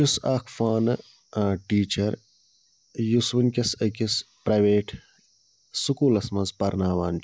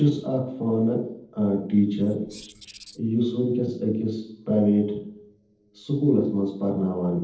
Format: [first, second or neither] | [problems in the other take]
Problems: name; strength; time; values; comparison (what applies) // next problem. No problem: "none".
first | noise reduction (neural separator model SepFormer DNS4)